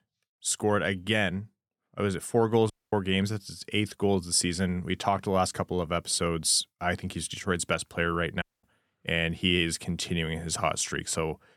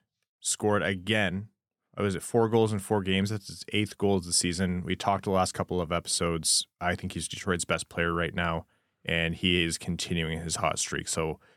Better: second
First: audio cutting out; at 2.5 s and at 8.5 s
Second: none

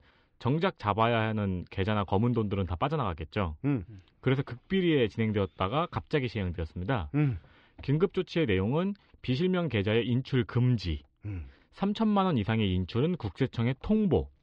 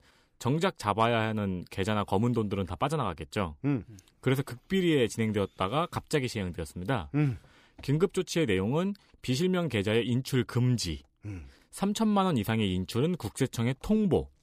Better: second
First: muffled; slightly; fading above 4 kHz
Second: none

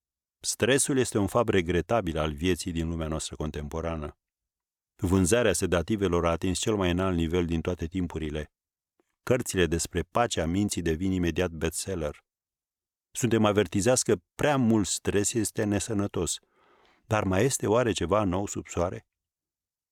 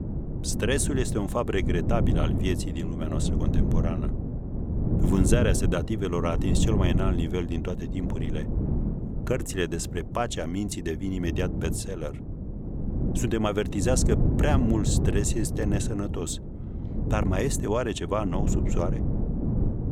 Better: first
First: none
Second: wind noise on the microphone; heavy; 7 dB below the speech

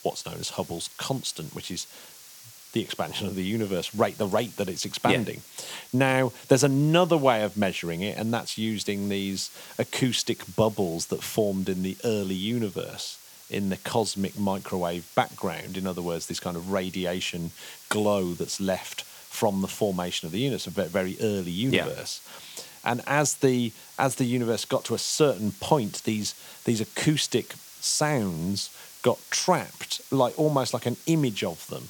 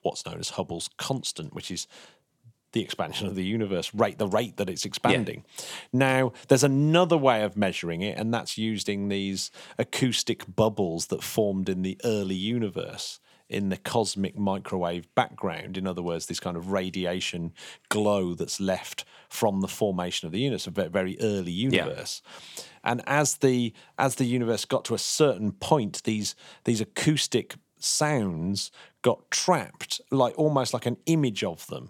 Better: second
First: hiss; noticeable; throughout; 20 dB below the speech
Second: none

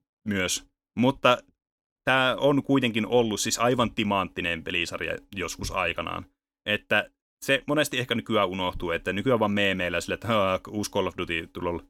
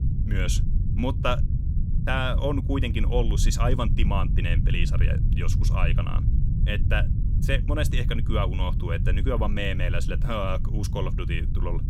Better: first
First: none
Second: low rumble; loud; throughout; 10 dB below the speech

